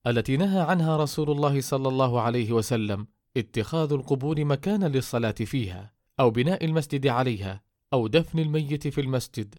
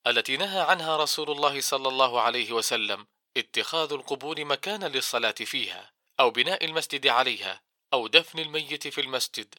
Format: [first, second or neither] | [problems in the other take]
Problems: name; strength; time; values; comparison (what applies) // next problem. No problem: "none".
first | thin; very; fading below 700 Hz